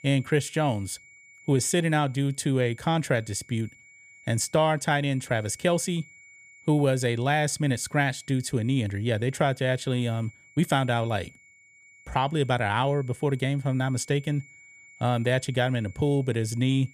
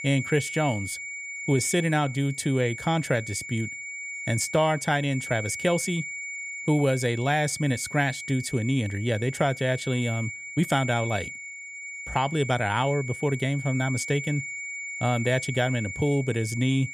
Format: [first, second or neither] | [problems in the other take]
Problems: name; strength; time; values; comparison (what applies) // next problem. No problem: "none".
first | high-pitched whine; loud; throughout; 2 kHz, 8 dB below the speech; faint in the first